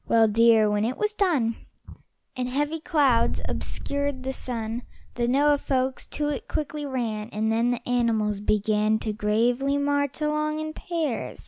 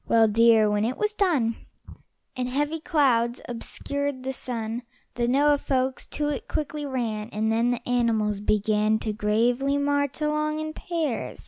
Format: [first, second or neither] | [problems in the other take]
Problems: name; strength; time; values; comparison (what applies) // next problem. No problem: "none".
second | background sound (Boom); 1 dB below the speech